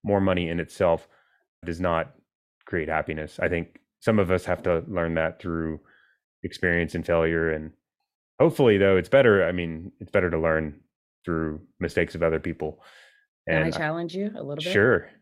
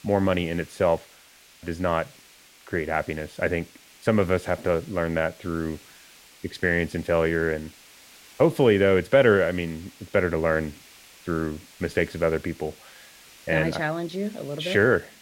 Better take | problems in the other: first | hiss; faint; throughout; 25 dB below the speech

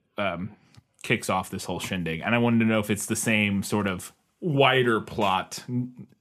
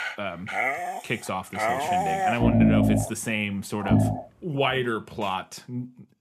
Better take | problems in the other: first | animal sounds; very loud; until 4.5 s; 5 dB above the speech

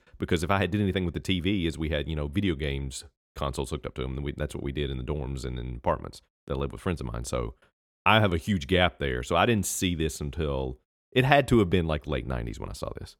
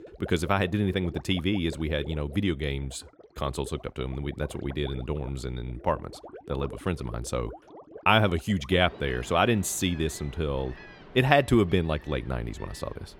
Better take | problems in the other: first | rain or running water; noticeable; throughout; 20 dB below the speech

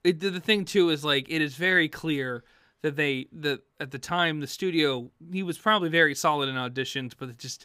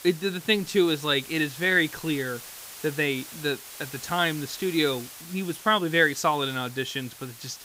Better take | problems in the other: first | hiss; noticeable; throughout; 15 dB below the speech

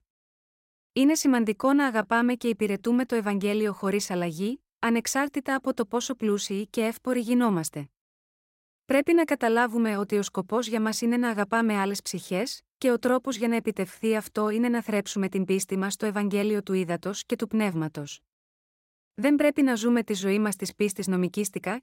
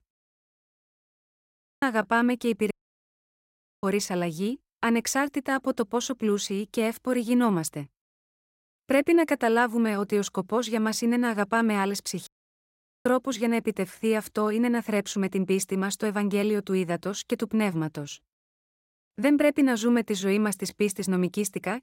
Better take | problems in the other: first | audio cutting out; at 1 s for 1 s, at 2.5 s for 1 s and at 12 s for 1 s

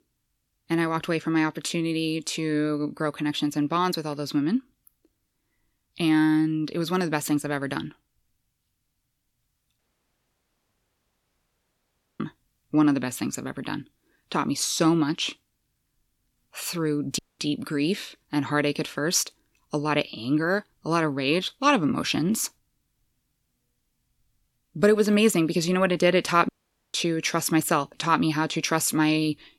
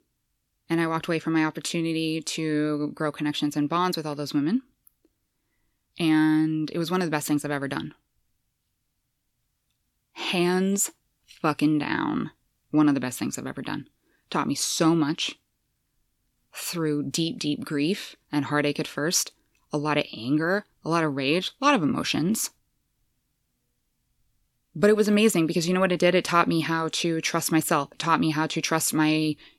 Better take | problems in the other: second | audio cutting out; at 10 s for 2.5 s, at 17 s and at 26 s

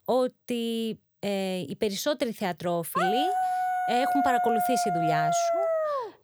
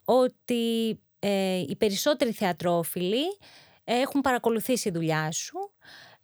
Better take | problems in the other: second | dog barking; loud; from 3 s on; peak 4 dB above the speech

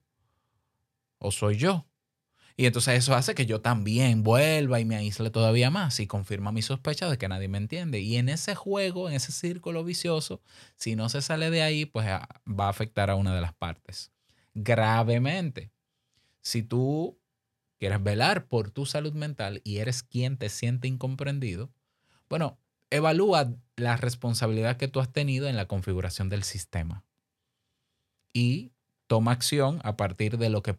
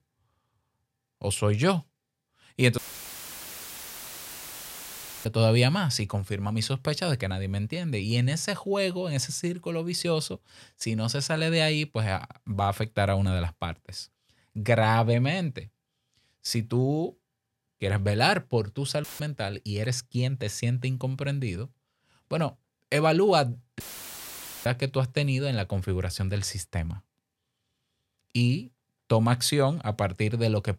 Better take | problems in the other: first | audio cutting out; filled with static; at 3 s for 2.5 s, at 19 s and at 24 s for 1 s

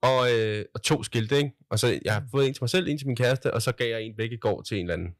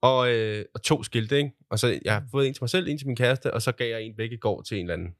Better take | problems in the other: second | distortion; slight; 3% of the sound clipped

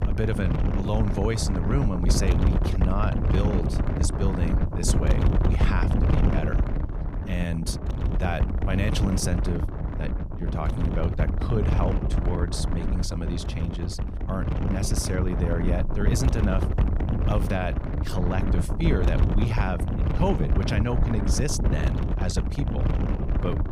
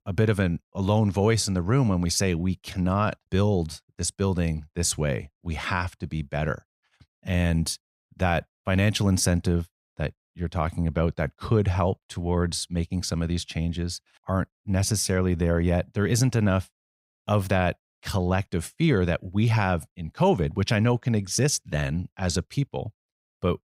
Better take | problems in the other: second | wind noise on the microphone; heavy; 2 dB below the speech

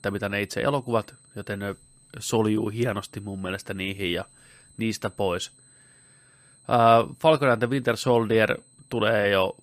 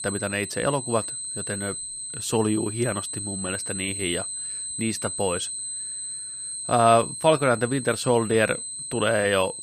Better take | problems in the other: first | high-pitched whine; loud; throughout; 8 kHz, 6 dB below the speech; faint in the first

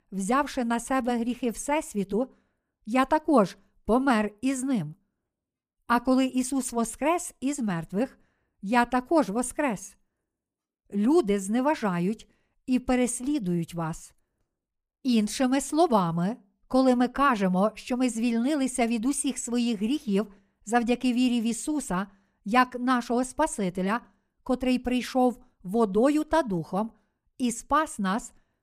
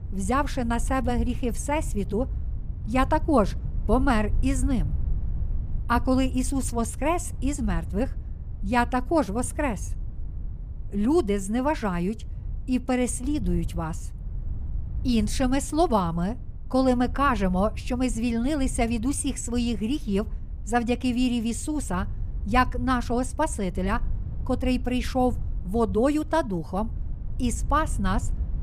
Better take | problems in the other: first | wind noise on the microphone; occasional gusts; 25 dB below the speech

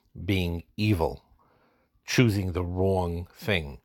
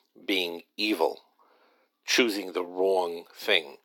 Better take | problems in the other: first | thin; somewhat; fading below 300 Hz

